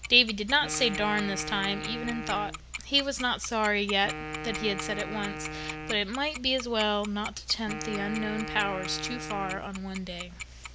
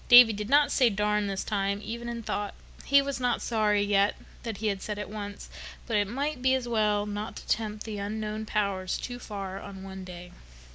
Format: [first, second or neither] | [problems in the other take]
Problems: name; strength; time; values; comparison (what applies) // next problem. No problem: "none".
second | background sound (Tick-tock + Wind instrument, woodwind instrument); 9 dB below the speech